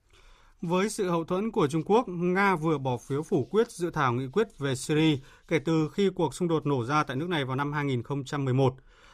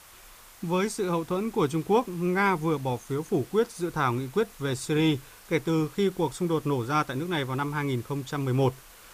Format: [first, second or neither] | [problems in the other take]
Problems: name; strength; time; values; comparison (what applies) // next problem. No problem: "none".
first | hiss; faint; throughout; 20 dB below the speech